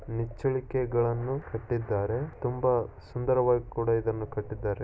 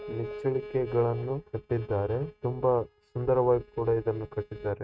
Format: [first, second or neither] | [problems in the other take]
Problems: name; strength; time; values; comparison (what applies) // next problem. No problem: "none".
first | noise reduction (neural mask model RNNoise)